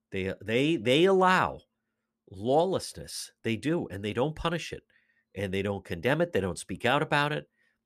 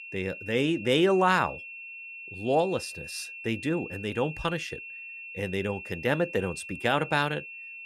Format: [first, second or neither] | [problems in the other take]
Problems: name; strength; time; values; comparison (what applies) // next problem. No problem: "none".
first | high-pitched whine; noticeable; throughout; 2.5 kHz, 10 dB below the speech